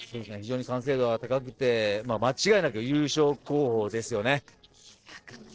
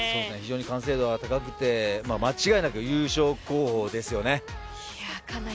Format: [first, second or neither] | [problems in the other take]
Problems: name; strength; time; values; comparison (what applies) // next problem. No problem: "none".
second | noise reduction (neural separator model SepFormer DNS4)